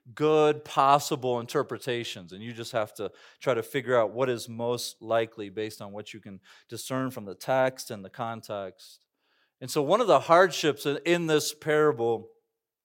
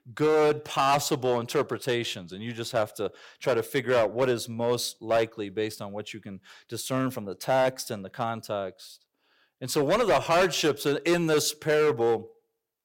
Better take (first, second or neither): first